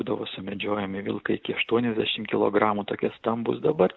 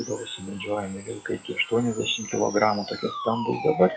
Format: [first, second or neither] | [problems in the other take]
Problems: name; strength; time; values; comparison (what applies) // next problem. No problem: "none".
first | noise reduction (classical method WPE with log-MMSE)